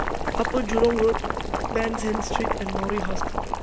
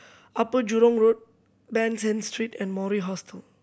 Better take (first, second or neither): second